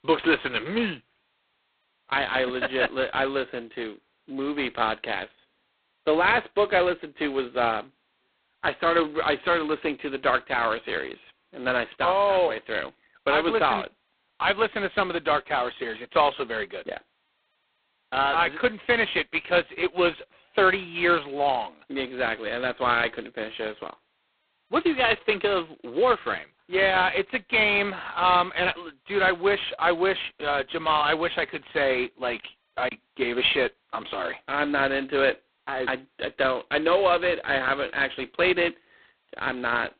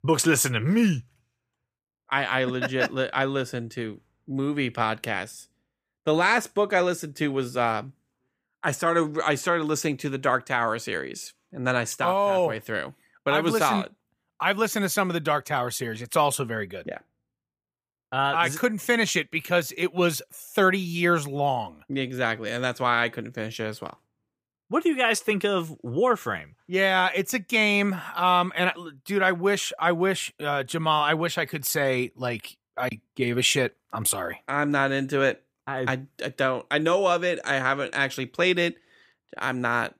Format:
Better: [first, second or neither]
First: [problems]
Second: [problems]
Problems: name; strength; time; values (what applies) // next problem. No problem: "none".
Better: second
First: phone-call audio; poor line; nothing above 4 kHz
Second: none